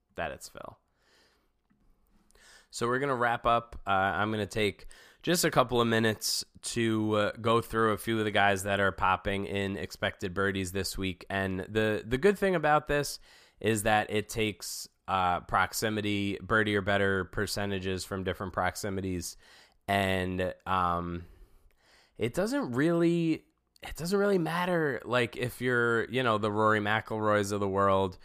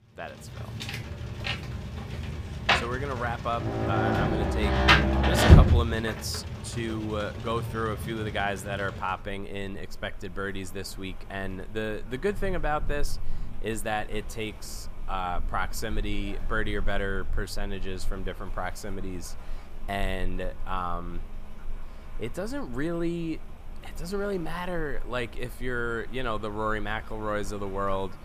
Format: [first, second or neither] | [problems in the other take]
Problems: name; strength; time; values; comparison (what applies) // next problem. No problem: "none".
first | rain or running water; very loud; throughout; 5 dB above the speech